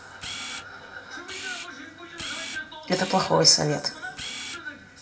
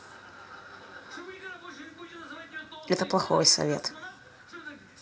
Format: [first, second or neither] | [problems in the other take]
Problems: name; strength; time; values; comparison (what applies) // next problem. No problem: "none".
second | background sound (Camera); 12 dB below the speech // room echo; dies away in 0.7 s